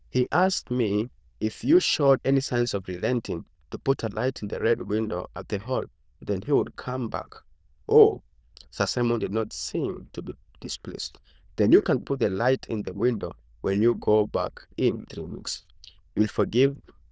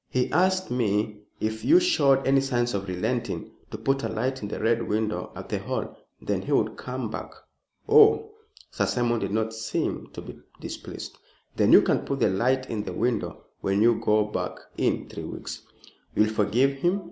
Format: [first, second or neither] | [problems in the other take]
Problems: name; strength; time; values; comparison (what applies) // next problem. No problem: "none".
second | noise reduction (neural diffusion model UNIVERSE++)